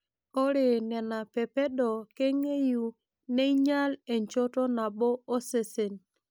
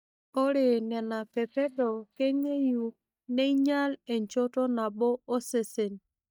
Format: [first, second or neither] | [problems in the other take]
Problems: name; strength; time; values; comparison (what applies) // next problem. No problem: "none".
first | noise reduction (neural mask model DeepFilterNet 3)